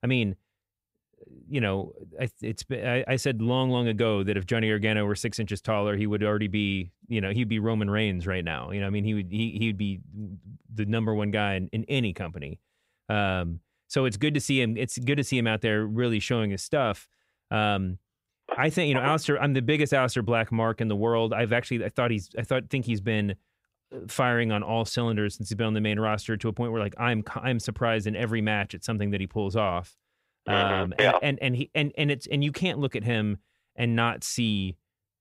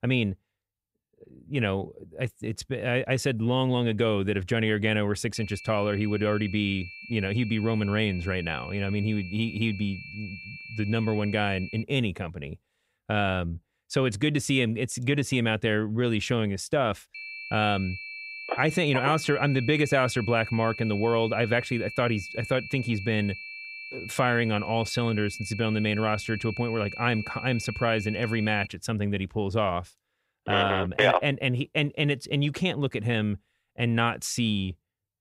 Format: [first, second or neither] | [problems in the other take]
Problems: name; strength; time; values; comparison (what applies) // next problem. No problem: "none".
first | high-pitched whine; noticeable; from 5.5 to 12 s and from 17 to 29 s; 2.5 kHz, 10 dB below the speech